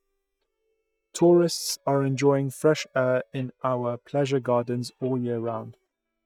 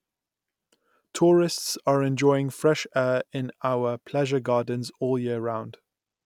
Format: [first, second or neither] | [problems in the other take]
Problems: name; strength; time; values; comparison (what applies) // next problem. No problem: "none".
second | noise reduction (neural mask model DeepFilterNet 3)